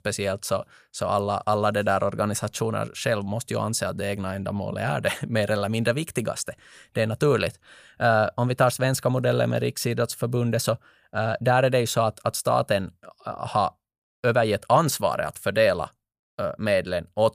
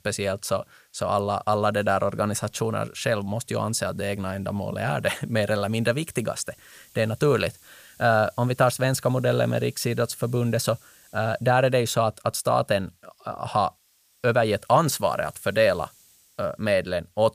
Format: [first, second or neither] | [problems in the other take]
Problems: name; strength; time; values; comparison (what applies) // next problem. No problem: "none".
first | hiss; faint; throughout; 30 dB below the speech